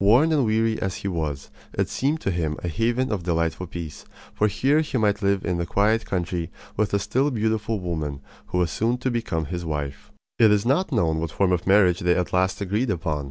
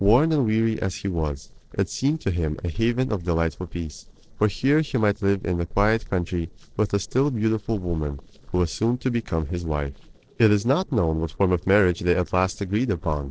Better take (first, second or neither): first